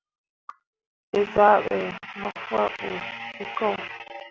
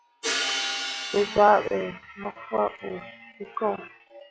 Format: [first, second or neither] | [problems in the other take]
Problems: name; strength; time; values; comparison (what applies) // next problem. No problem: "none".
first | noise reduction (classical method log-MMSE)